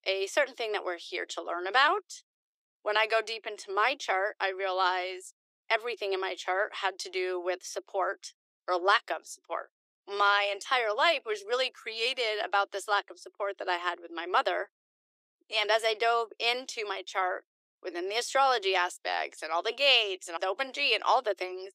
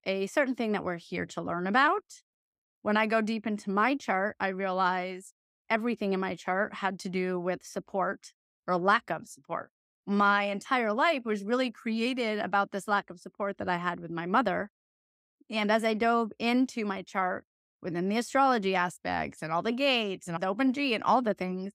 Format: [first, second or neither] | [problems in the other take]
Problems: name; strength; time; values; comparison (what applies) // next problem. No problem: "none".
second | thin; very; fading below 350 Hz